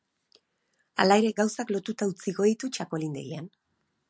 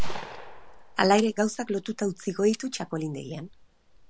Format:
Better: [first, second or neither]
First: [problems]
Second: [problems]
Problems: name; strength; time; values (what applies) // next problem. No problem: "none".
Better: first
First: none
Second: background sound (Gunshot, gunfire); 6 dB below the speech